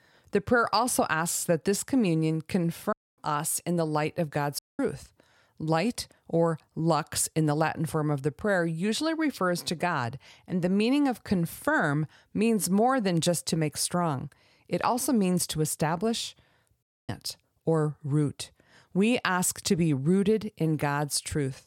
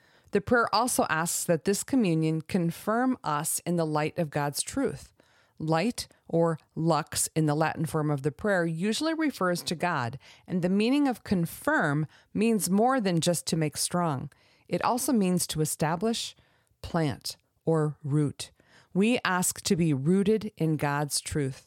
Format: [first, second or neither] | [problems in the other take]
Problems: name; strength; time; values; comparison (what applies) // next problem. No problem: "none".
second | audio cutting out; at 3 s, at 4.5 s and at 17 s